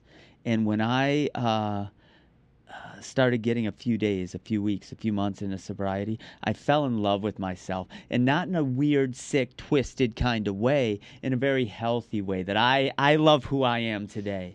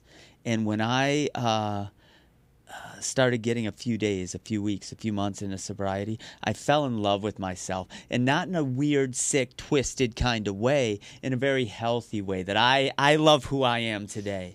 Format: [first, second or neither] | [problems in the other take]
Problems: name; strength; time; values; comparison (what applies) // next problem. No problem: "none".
second | muffled; slightly; fading above 3.5 kHz